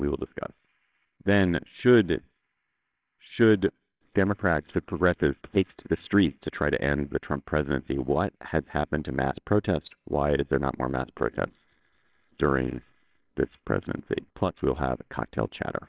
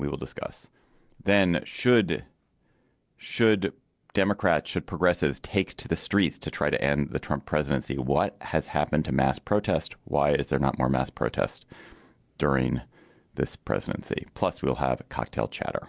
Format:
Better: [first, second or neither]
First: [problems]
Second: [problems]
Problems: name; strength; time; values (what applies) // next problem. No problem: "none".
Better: second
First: noise reduction (neural separator model SepFormer WHAMR!)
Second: none